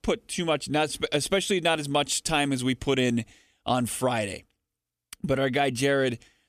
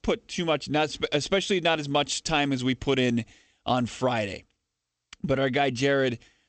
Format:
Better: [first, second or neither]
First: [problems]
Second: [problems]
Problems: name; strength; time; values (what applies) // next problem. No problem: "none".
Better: first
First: none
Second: garbled, watery; slightly; nothing above 8 kHz